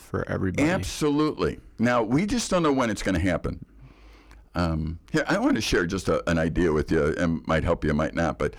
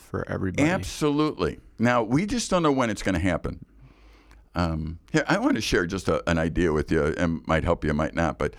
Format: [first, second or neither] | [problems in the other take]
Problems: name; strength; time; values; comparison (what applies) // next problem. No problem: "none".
second | distortion; slight; 10 dB below the speech